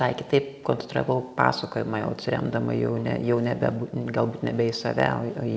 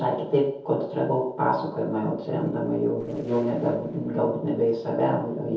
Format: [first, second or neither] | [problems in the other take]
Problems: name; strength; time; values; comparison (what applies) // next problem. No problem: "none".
first | noise reduction (neural separator model SepFormer DNS4)